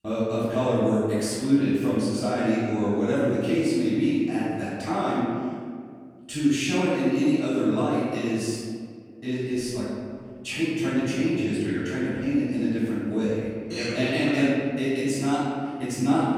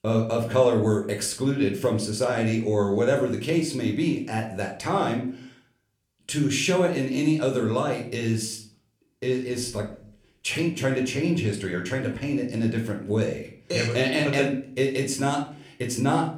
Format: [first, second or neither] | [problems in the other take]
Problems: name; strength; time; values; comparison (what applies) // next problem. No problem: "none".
second | room echo; strong; dies away in 1.8 s; slight in the second // off-mic speech; far; somewhat distant in the second